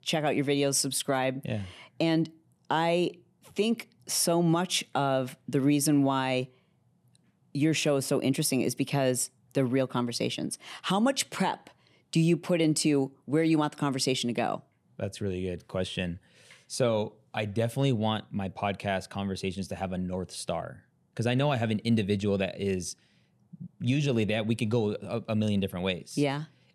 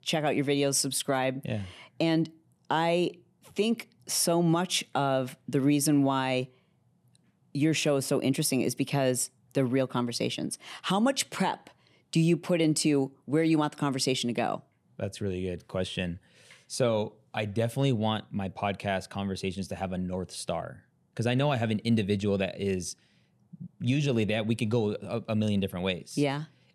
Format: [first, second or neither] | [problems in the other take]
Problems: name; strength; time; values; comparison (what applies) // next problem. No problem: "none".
neither | none